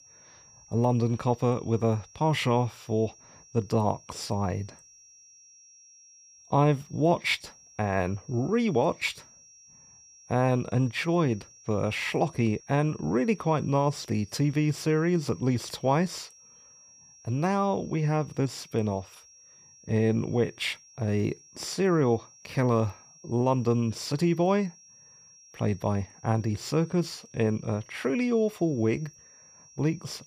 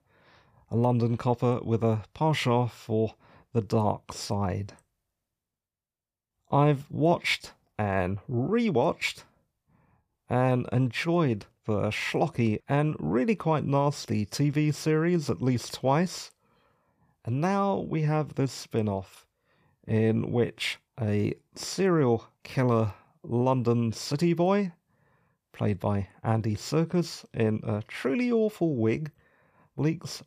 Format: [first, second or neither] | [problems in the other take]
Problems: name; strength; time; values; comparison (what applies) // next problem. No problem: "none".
second | high-pitched whine; faint; throughout; 5.5 kHz, 25 dB below the speech